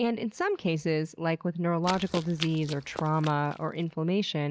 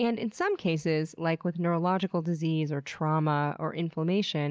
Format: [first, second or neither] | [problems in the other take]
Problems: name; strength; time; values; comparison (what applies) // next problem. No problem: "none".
second | background sound (Run); 12 dB below the speech